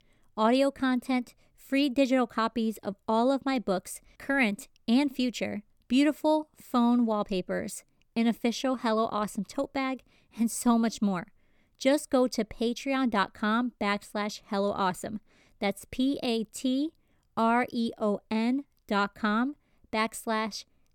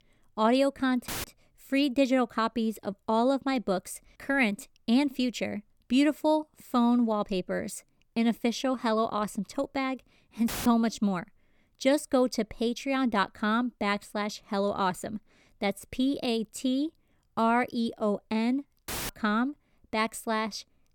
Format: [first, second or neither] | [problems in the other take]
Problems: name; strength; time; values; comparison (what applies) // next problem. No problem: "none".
first | audio cutting out; filled with static; at 1 s, at 10 s and at 19 s